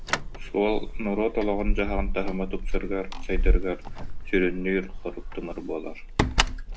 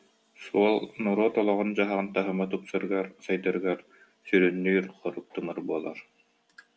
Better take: second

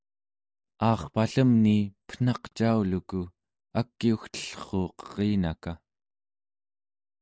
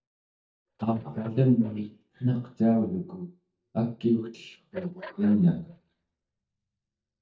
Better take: first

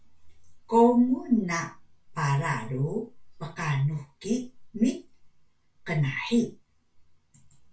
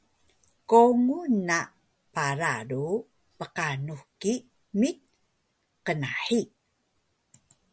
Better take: second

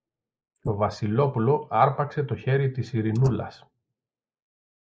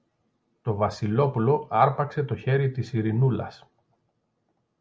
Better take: second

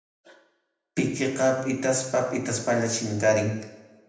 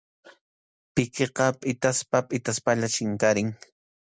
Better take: second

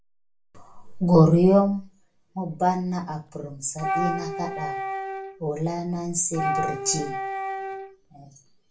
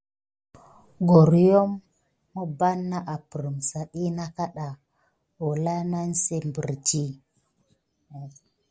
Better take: second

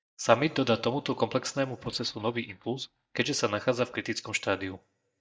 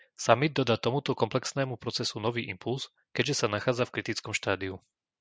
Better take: second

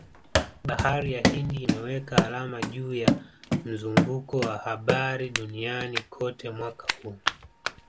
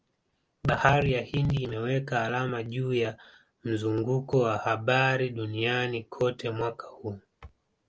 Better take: second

